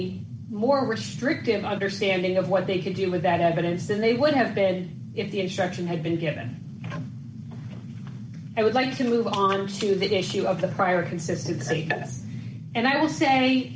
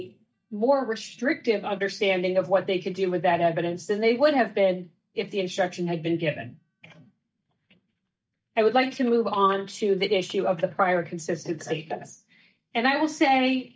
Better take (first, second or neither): first